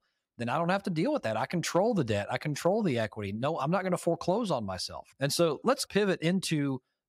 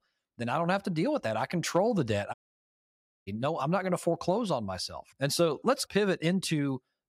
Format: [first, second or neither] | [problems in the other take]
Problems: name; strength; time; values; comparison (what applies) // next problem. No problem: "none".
first | audio cutting out; at 2.5 s for 1 s